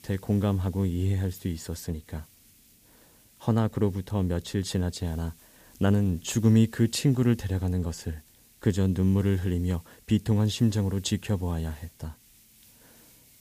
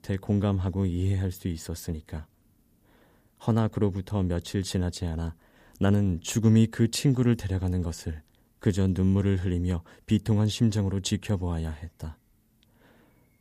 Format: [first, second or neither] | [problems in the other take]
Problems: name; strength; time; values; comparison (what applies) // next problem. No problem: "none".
second | hiss; faint; throughout; 25 dB below the speech